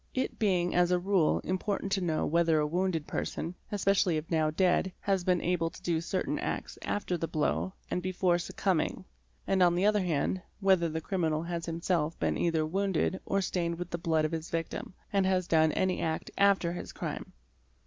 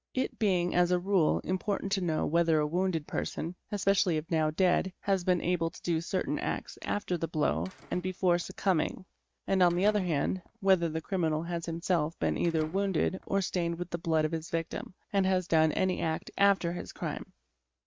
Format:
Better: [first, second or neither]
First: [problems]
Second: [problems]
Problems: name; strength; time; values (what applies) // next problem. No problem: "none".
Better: first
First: none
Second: noise reduction (neural mask model RNNoise)